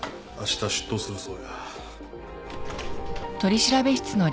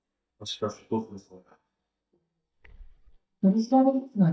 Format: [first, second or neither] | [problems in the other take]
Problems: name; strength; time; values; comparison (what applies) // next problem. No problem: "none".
first | noise reduction (neural mask model DeepFilterNet 3)